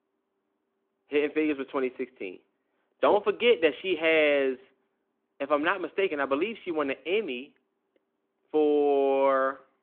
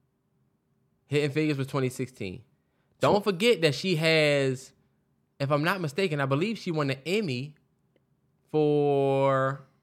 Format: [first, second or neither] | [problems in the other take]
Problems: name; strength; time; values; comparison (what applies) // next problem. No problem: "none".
second | phone-call audio